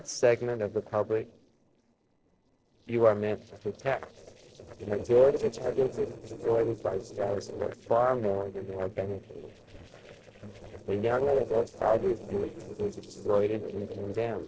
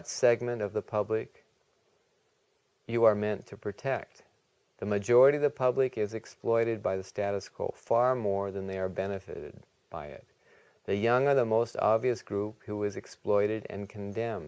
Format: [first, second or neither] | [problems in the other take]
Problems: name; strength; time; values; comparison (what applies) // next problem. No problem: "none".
second | noise reduction (neural separator model SepFormer DNS4)